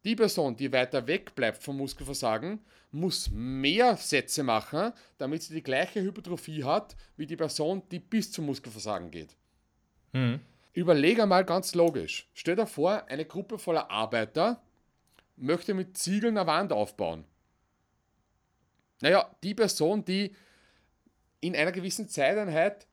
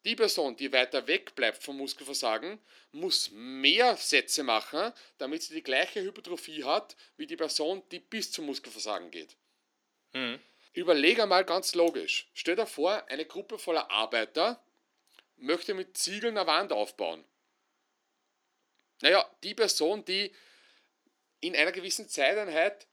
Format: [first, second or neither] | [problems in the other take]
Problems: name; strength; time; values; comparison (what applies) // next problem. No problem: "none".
first | thin; somewhat; fading below 300 Hz